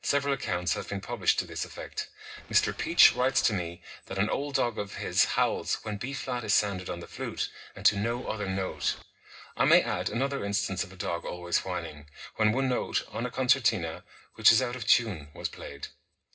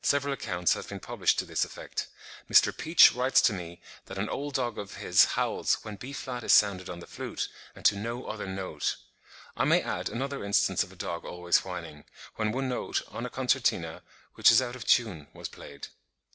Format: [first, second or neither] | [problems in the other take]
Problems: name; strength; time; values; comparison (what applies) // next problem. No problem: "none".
second | background sound (Boat, Water vehicle); 19 dB below the speech // room echo; dies away in 0.2 s